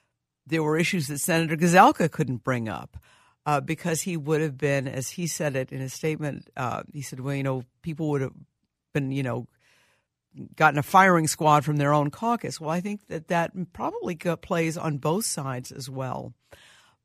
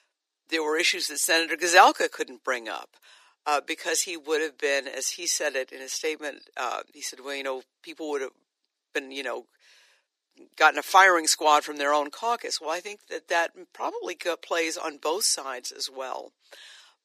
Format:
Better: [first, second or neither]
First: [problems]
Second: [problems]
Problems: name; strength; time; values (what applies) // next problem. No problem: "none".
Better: first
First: none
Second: thin; very; fading below 350 Hz